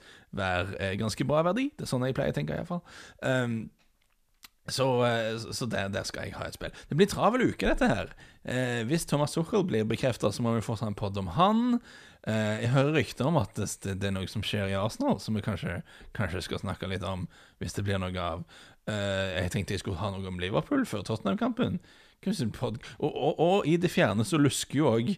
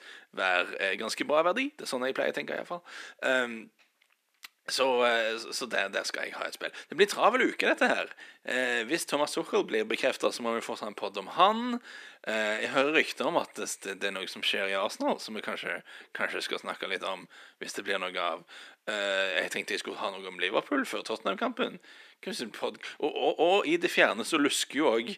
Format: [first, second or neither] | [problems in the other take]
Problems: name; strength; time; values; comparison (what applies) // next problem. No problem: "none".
first | thin; somewhat; fading below 300 Hz